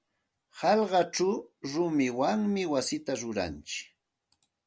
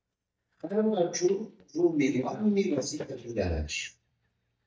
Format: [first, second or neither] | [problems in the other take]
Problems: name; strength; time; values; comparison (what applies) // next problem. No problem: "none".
first | noise reduction (neural mask model DeepFilterNet 3)